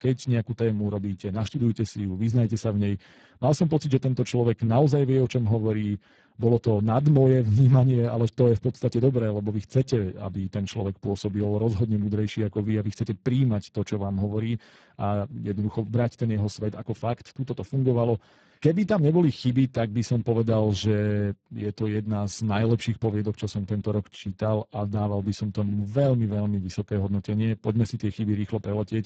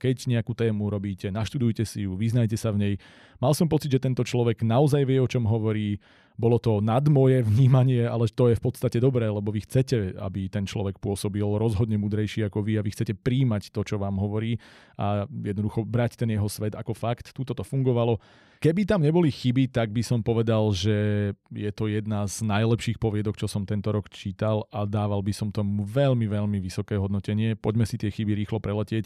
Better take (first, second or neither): second